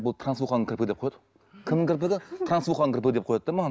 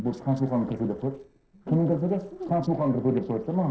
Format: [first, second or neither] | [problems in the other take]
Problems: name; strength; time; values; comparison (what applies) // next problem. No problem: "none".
first | noise reduction (neural separator model SepFormer DNS4)